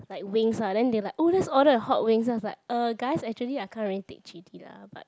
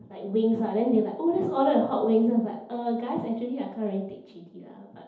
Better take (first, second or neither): first